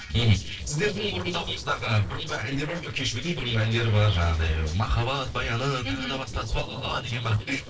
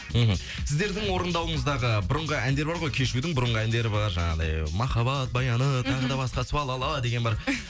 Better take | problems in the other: second | noise reduction (neural separator model SepFormer DNS4)

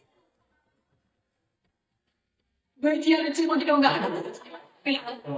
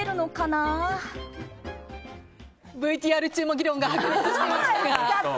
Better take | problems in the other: second | noise reduction (neural mask model DeepFilterNet 3)

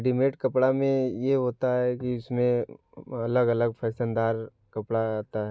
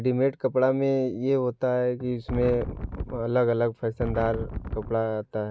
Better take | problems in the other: first | background sound (Wind); 7 dB below the speech

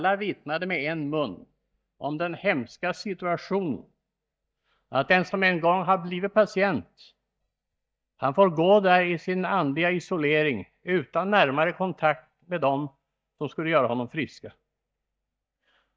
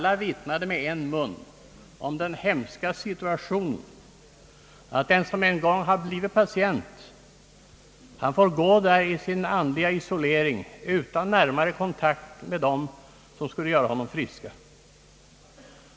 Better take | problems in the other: second | noise reduction (neural mask model DeepFilterNet 3)

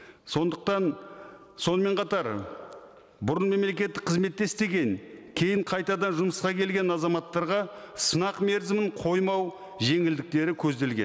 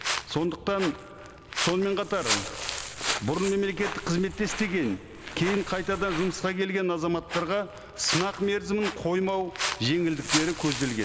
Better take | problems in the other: first | background sound (Walk, footsteps); 6 dB below the speech

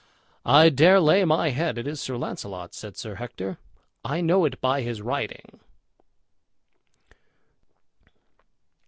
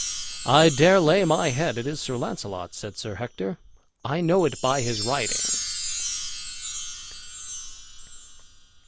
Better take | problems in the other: first | background sound (Chime); 8 dB below the speech

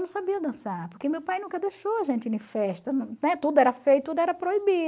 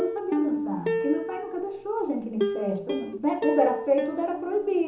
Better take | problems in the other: first | background sound (Plucked string instrument); 3 dB below the speech // room echo; dies away in 1.2 s

